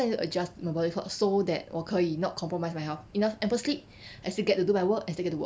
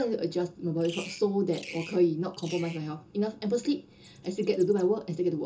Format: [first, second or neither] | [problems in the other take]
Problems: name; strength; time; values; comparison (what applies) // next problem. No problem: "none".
first | background sound (Bird vocalization, bird call, bird song); 20 dB below the speech // room echo; dies away in 0.2 s